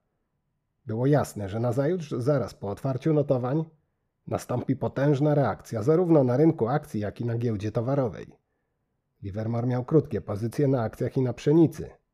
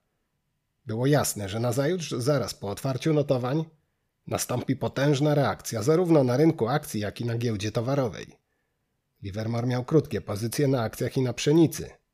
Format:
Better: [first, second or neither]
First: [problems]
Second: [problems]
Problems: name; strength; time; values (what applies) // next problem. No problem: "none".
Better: second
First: muffled; slightly; fading above 2 kHz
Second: none